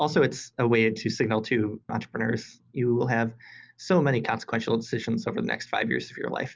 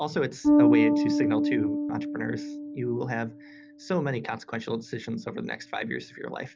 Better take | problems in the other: first | background sound (Bass guitar); 4 dB above the speech

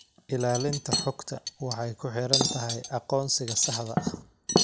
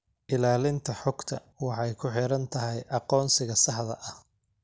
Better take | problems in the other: second | background sound (Cutlery, silverware); 1 dB below the speech

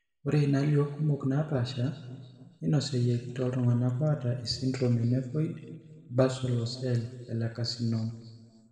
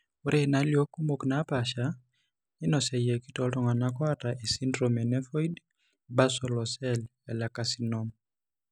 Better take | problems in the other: second | room echo; dies away in 1.7 s

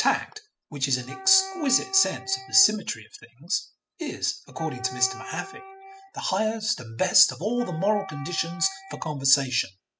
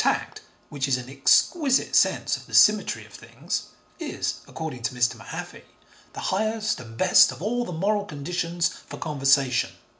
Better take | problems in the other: second | noise reduction (classical method spectral subtraction)

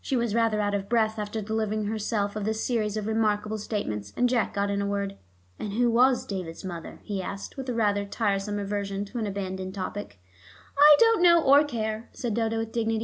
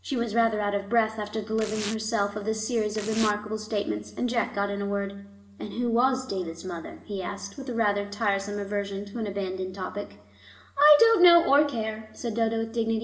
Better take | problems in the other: first | background sound (Tearing); 14 dB below the speech // room echo; dies away in 0.8 s

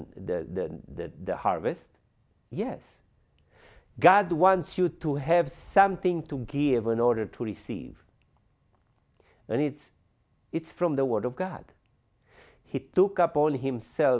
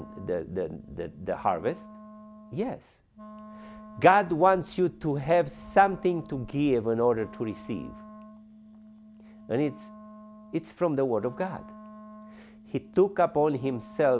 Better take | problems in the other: first | background sound (Wind instrument, woodwind instrument); 19 dB below the speech

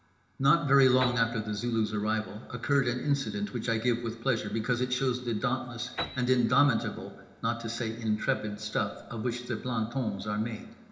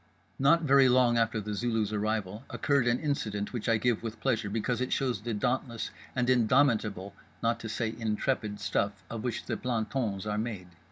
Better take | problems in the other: second | background sound (Piano); 19 dB below the speech // room echo; dies away in 0.8 s

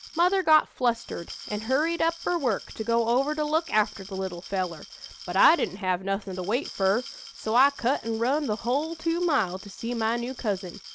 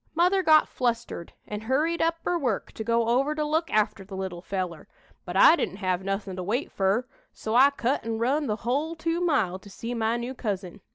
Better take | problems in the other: second | background sound (Glass); 17 dB below the speech

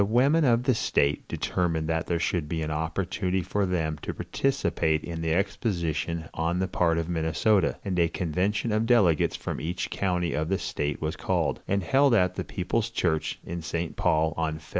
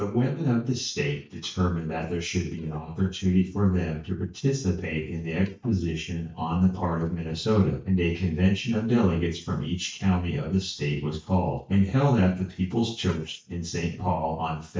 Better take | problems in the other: first | noise reduction (neural mask model DeepFilterNet 3)

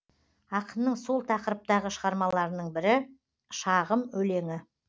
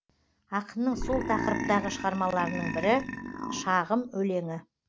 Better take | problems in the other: first | background sound (Burping, eructation); 5 dB below the speech

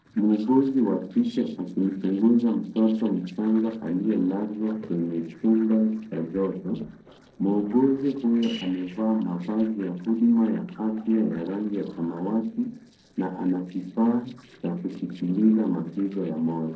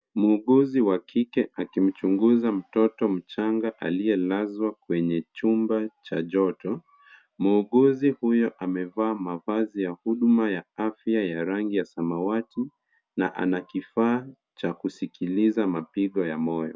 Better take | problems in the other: second | noise reduction (neural separator model SepFormer DNS4)

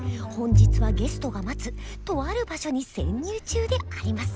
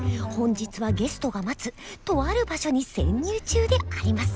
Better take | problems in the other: second | background sound (Bowed string instrument); 3 dB above the speech

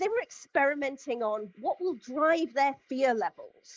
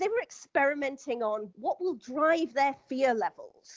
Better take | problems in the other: second | noise reduction (neural mask model Resemble Enhance denoiser)

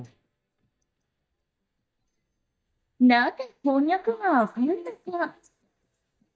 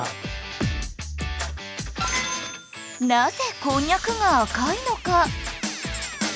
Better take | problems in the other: second | noise reduction (neural mask model DeepFilterNet 3)

